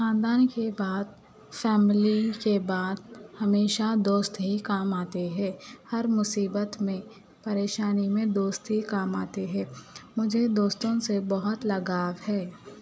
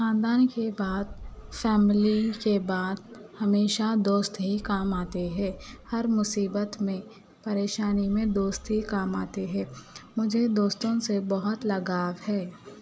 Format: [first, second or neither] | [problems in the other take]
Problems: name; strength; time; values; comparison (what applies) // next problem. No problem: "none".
first | background sound (Boom); 18 dB below the speech